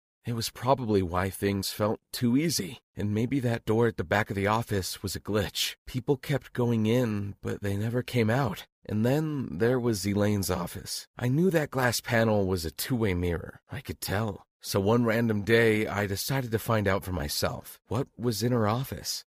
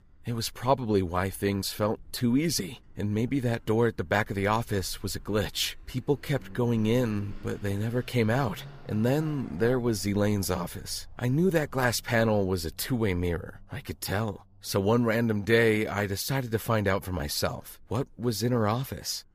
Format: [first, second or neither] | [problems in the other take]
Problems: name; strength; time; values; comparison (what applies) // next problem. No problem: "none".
first | traffic noise; faint; throughout; 25 dB below the speech